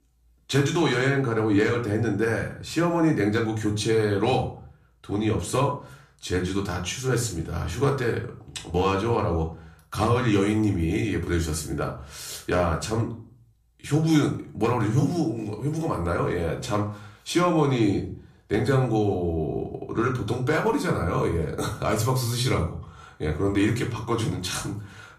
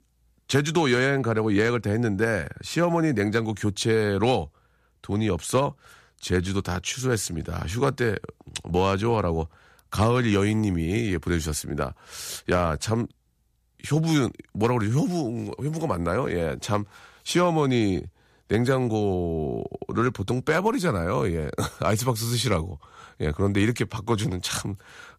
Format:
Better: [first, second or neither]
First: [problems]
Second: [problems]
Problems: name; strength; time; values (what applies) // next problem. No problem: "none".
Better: second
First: room echo; slight; dies away in 0.4 s // off-mic speech; somewhat distant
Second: none